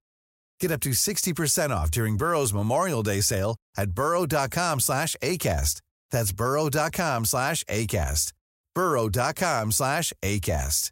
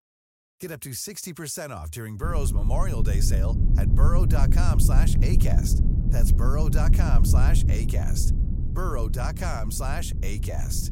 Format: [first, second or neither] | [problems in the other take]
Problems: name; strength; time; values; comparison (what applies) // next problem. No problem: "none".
first | low rumble; loud; from 2 s on; 5 dB below the speech